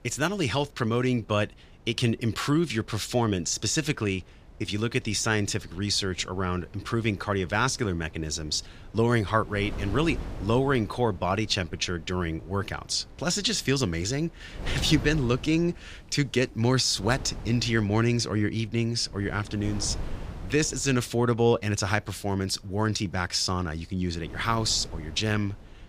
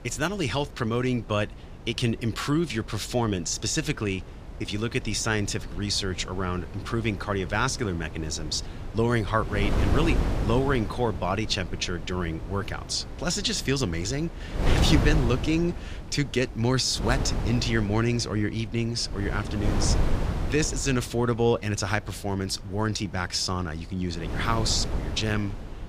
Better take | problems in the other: first | wind noise on the microphone; heavy; 10 dB below the speech; occasional gusts in the first

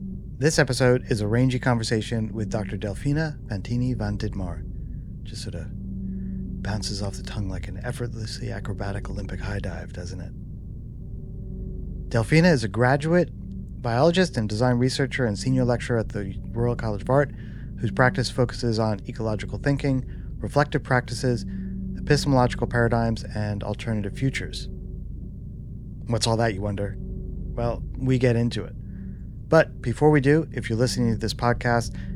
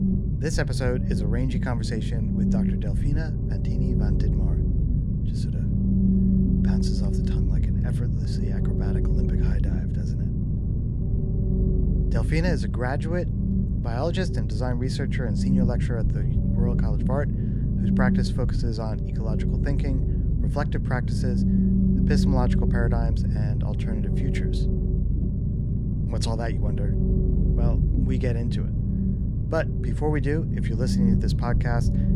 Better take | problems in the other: first | low rumble; loud; throughout; 1 dB below the speech; faint in the first

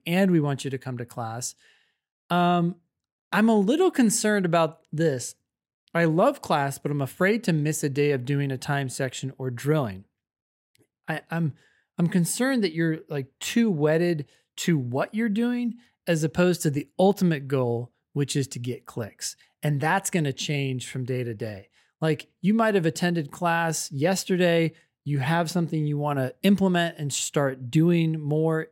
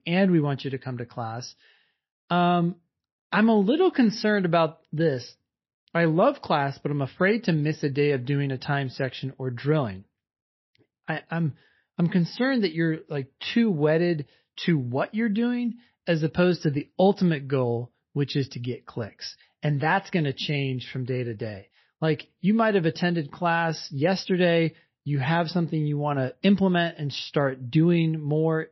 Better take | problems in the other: first | garbled, watery; slightly; nothing above 5.5 kHz

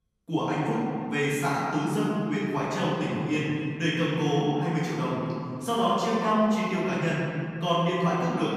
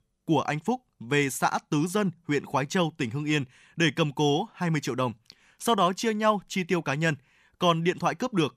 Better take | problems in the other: second | room echo; strong; dies away in 2.1 s // off-mic speech; far

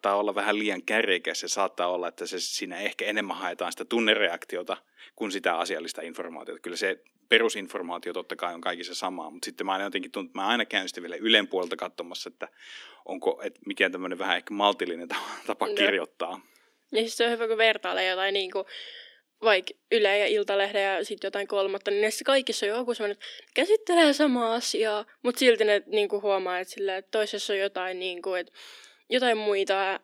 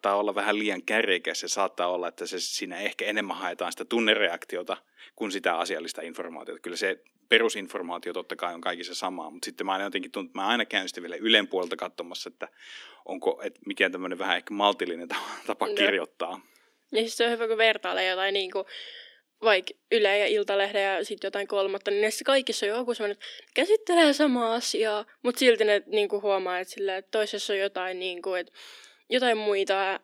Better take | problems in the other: neither | thin; somewhat; fading below 300 Hz; the same in both

